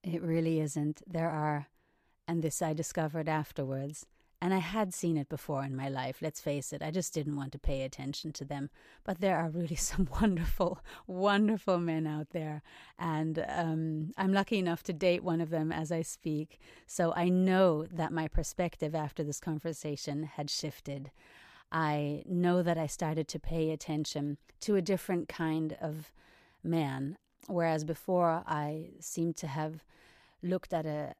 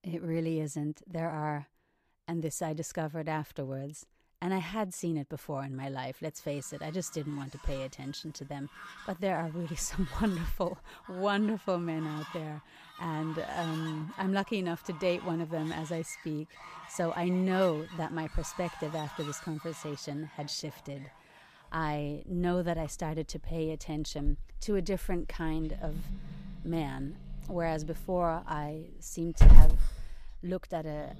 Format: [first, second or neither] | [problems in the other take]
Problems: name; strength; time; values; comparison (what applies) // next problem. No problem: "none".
first | animal sounds; very loud; from 6.5 s on; as loud as the speech